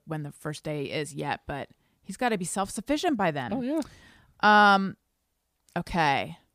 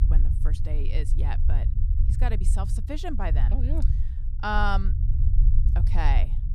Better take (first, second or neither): first